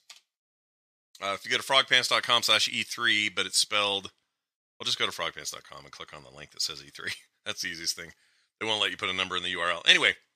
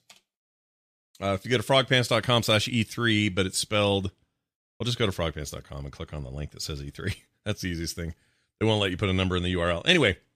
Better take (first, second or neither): second